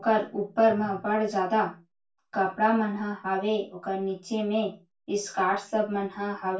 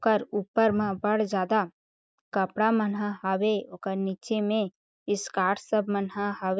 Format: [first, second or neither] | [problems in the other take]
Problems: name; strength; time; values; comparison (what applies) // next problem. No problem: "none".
second | room echo; dies away in 0.2 s